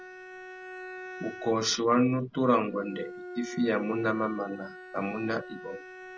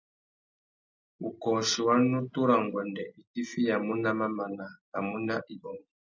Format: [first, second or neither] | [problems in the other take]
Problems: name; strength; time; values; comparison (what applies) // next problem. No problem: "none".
second | background sound (Bowed string instrument); 14 dB below the speech